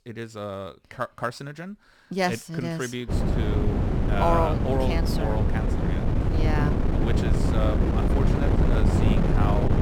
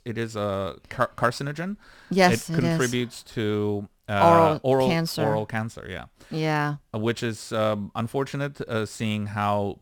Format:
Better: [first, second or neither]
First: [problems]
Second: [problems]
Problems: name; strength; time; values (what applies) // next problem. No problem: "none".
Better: second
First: wind noise on the microphone; heavy; from 3 s on; 1 dB below the speech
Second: none